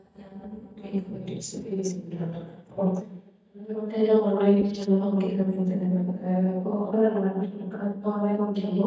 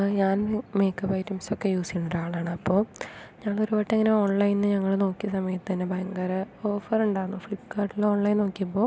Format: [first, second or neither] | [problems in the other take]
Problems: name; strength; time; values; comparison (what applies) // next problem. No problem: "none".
second | noise reduction (neural mask model DeepFilterNet 3)